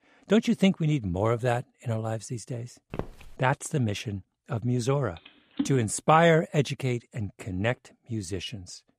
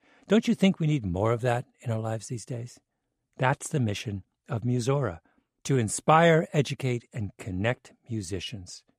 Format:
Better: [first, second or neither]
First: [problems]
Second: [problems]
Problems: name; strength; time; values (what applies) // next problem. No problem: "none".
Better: second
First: footsteps; faint; at 3 s; peak 10 dB below the speech // phone ringing; noticeable; at 5.5 s; peak 7 dB below the speech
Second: none